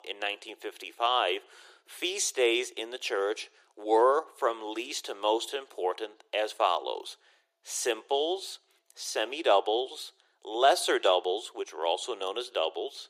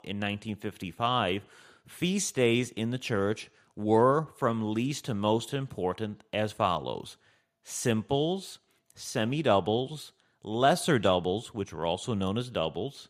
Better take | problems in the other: second | thin; very; fading below 350 Hz

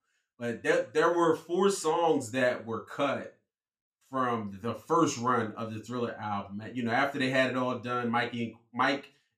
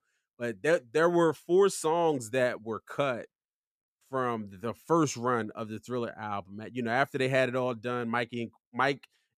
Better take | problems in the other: second | room echo; very slight; dies away in 0.3 s // off-mic speech; somewhat distant

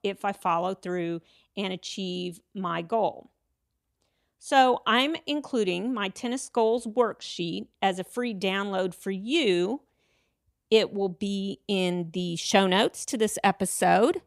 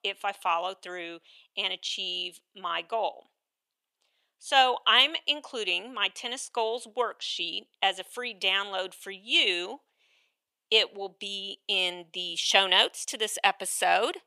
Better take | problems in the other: first | thin; very; fading below 650 Hz

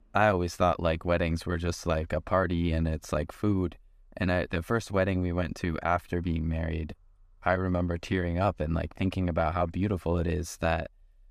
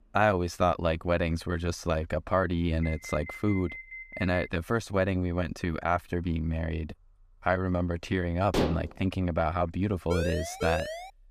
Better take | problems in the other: first | alarm; faint; from 3 to 4.5 s; peak 10 dB below the speech // clattering dishes; noticeable; at 8.5 s; peak level with the speech // siren; noticeable; from 10 s on; peak 4 dB below the speech

